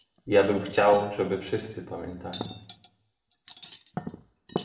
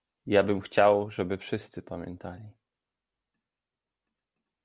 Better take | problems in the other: second | background sound (Cutlery, silverware); 13 dB below the speech // room echo; dies away in 0.8 s

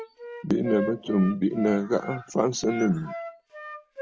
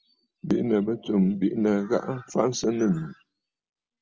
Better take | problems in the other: second | background sound (Wind instrument, woodwind instrument); 11 dB below the speech

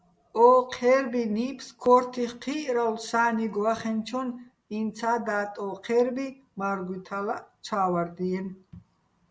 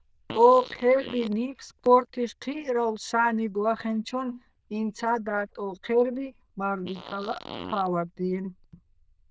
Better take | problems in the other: first | noise reduction (neural diffusion model UNIVERSE++)

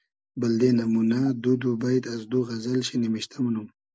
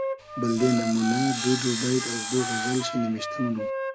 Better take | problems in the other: first | background sound (Sawing + Wind instrument, woodwind instrument); 5 dB below the speech

